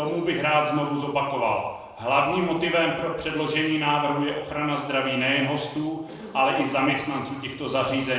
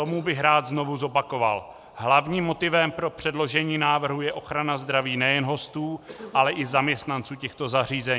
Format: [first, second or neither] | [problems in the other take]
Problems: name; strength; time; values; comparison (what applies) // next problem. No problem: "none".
second | room echo; dies away in 1 s